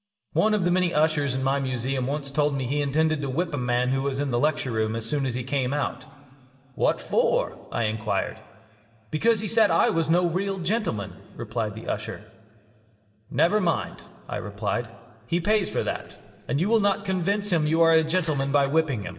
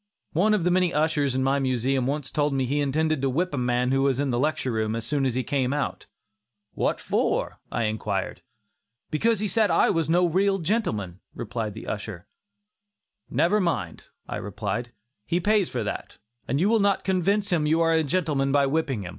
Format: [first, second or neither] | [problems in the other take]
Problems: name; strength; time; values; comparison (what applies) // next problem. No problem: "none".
second | background sound (Shatter); 18 dB below the speech // room echo; dies away in 2.7 s